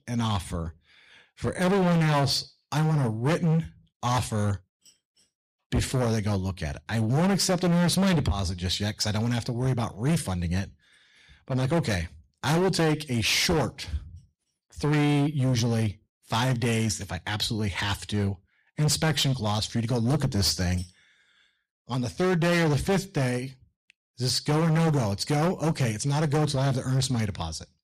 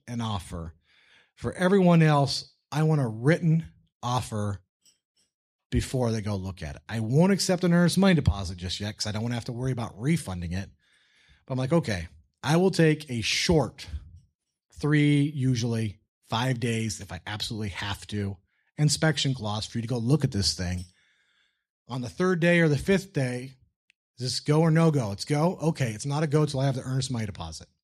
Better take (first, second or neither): second